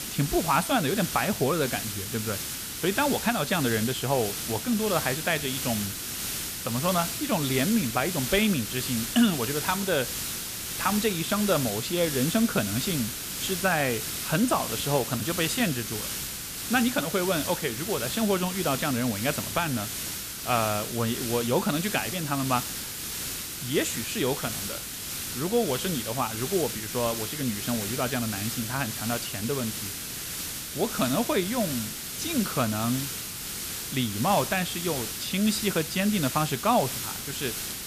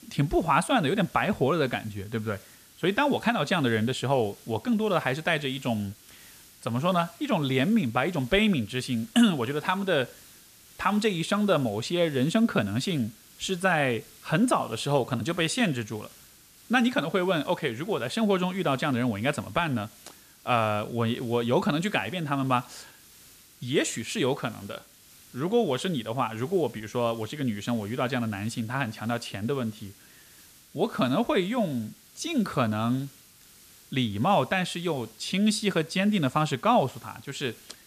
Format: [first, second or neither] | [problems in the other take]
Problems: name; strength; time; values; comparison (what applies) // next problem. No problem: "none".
second | hiss; loud; throughout; 4 dB below the speech; faint in the second